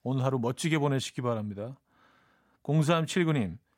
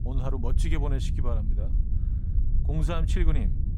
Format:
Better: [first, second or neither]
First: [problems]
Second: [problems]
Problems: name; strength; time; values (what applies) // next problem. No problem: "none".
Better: first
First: none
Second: low rumble; loud; throughout; 9 dB below the speech